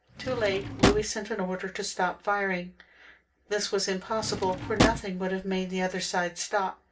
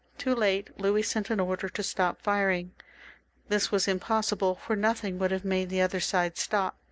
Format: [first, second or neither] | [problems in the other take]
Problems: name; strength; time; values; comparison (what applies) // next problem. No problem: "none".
second | background sound (Drawer open or close); as loud as the speech // room echo; dies away in 0.2 s